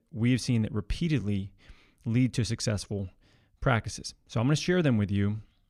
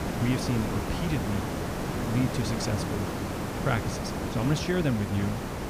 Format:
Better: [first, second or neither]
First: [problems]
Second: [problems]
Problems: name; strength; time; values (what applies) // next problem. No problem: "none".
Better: first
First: none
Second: hiss; loud; throughout; 1 dB below the speech